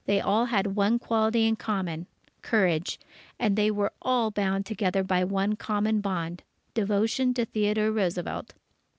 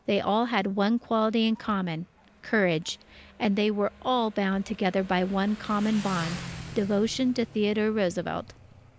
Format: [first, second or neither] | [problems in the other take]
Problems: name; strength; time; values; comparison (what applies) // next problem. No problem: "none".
first | background sound (Motorcycle); 18 dB below the speech